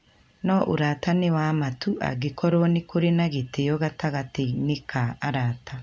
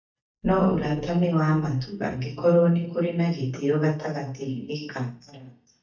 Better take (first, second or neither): first